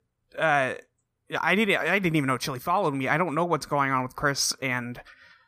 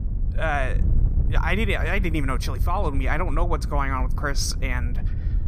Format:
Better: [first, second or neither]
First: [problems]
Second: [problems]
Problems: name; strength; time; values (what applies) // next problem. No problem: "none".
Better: first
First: none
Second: wind noise on the microphone; occasional gusts; 15 dB below the speech